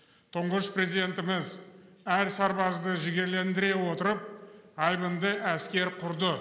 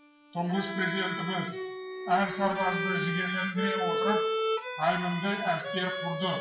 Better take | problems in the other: first | noise reduction (classical method WPE with log-MMSE)

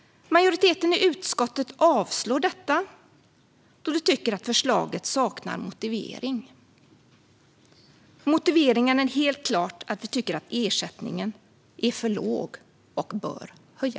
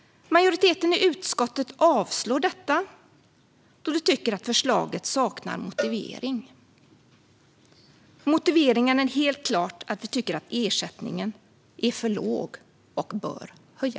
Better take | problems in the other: first | background sound (Cowbell); 13 dB below the speech

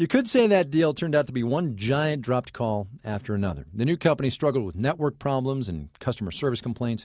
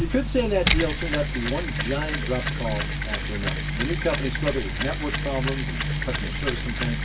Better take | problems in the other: first | background sound (Mechanisms); 2 dB above the speech // room echo; dies away in 0.2 s

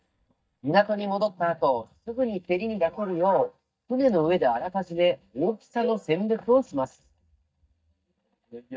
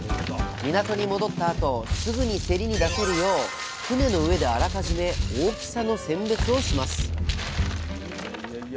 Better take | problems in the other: second | noise reduction (neural mask model DeepFilterNet 3)

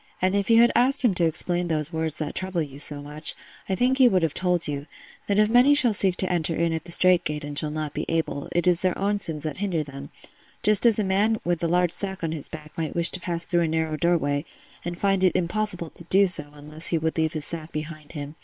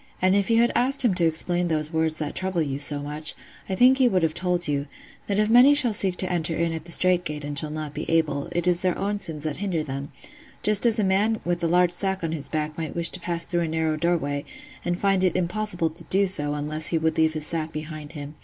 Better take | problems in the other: second | noise reduction (neural separator model SepFormer WHAM!)

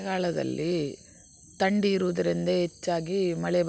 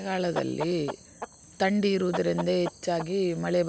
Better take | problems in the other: first | background sound (Chicken, rooster); 12 dB below the speech

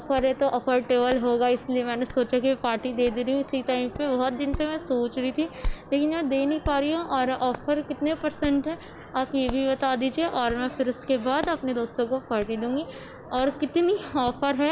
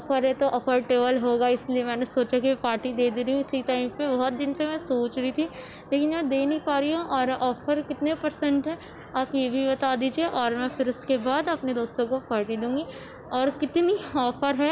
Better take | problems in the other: second | background sound (Hands); 15 dB below the speech

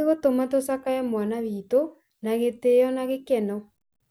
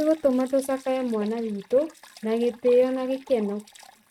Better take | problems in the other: first | noise reduction (neural mask model RNNoise)

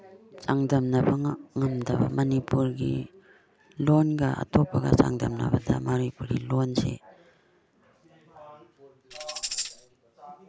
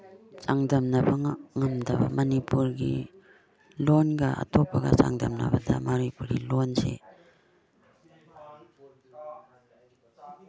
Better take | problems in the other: second | background sound (Tambourine); 8 dB below the speech

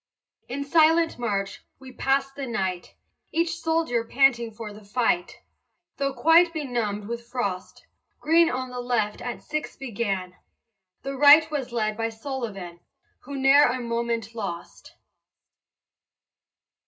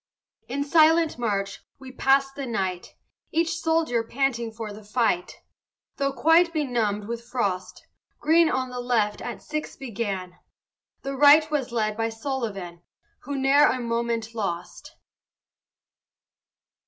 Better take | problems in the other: second | room echo; dies away in 0.2 s

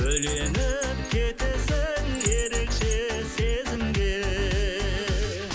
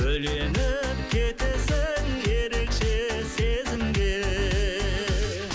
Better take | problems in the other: second | background sound (Bird vocalization, bird call, bird song); 12 dB below the speech

